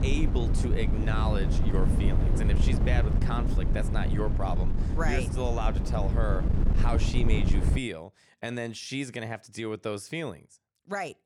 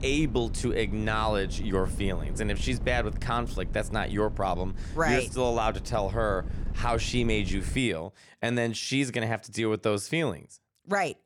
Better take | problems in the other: second | wind noise on the microphone; heavy; until 8 s; 4 dB below the speech; occasional gusts in the second

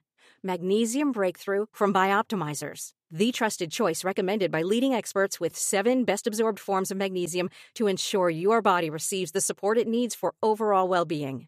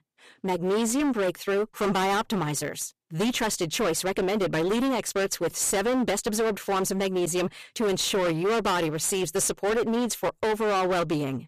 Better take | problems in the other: first | distortion; heavy; 25% of the sound clipped

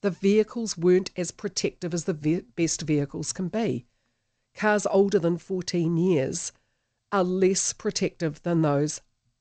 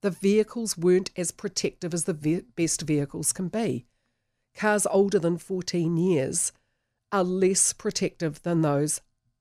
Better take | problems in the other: second | garbled, watery; slightly; nothing above 8 kHz

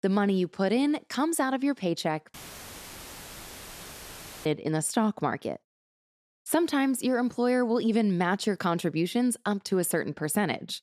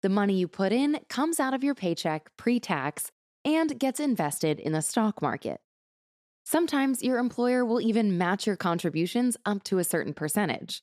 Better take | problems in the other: second | audio cutting out; filled with static; at 2.5 s for 2 s

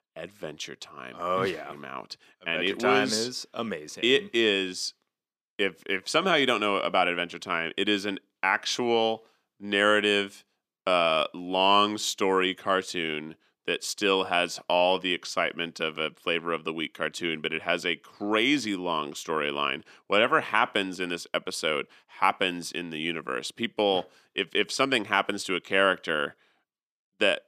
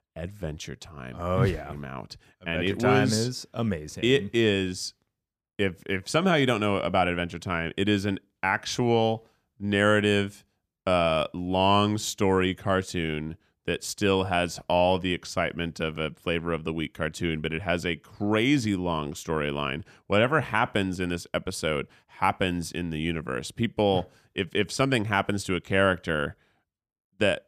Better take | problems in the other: second | thin; very slightly; fading below 300 Hz

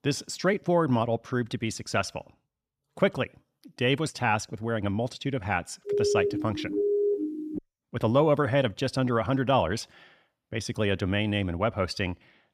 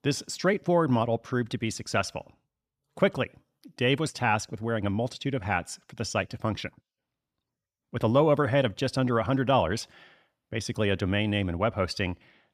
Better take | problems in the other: second | siren; loud; from 6 to 7.5 s; peak 2 dB above the speech

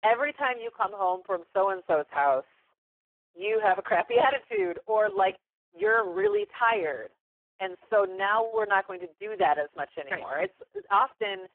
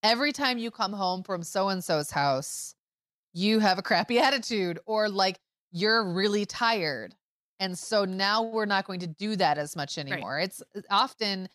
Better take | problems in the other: second | phone-call audio; poor line

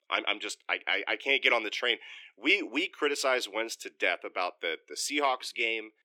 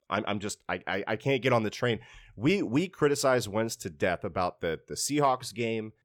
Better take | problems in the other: second | thin; somewhat; fading below 300 Hz

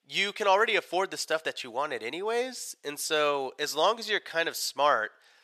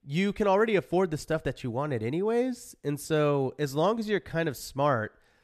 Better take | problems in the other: second | thin; very; fading below 700 Hz

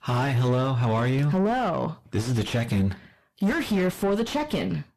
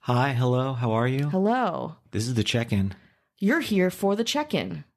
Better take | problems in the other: second | distortion; heavy; 6 dB below the speech

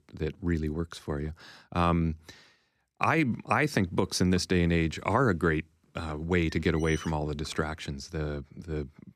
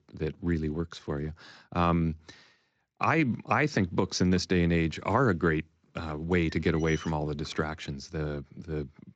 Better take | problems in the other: first | garbled, watery; slightly

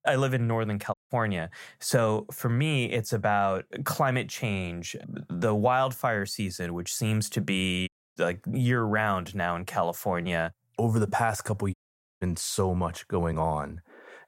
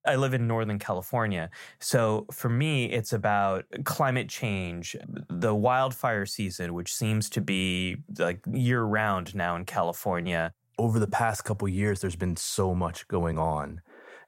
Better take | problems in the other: second | audio cutting out; at 1 s, at 8 s and at 12 s

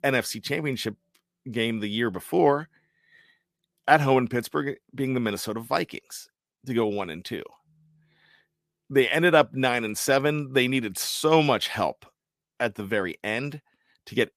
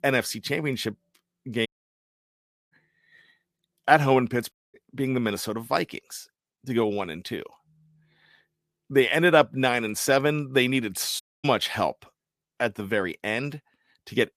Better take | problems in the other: first | audio cutting out; at 1.5 s for 1 s, at 4.5 s and at 11 s

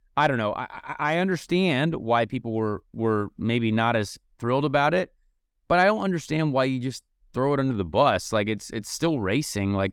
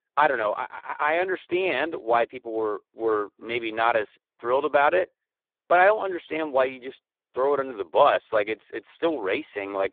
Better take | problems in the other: first | phone-call audio; poor line

